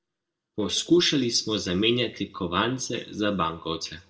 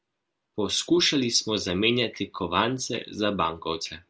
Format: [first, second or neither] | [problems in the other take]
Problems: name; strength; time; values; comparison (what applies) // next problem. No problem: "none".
second | noise reduction (neural separator model SepFormer DNS4)